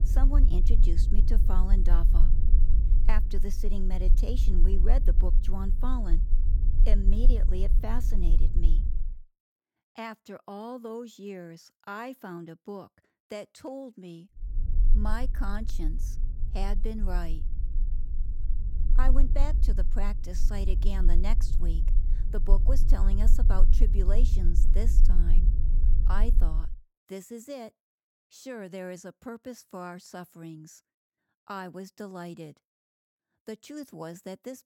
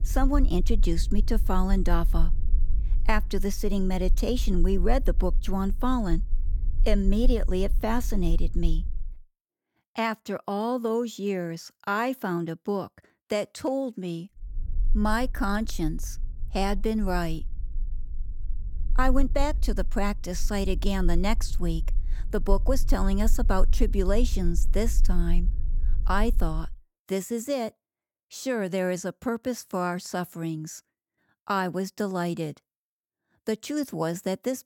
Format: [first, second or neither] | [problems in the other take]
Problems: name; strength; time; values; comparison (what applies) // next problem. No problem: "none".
second | low rumble; loud; until 9 s and from 14 to 27 s; 10 dB below the speech; faint in the second